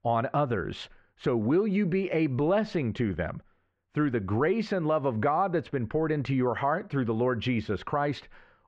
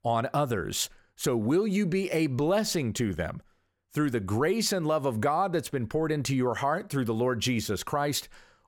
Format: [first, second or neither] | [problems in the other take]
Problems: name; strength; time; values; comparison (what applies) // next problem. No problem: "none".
second | muffled; very; fading above 2.5 kHz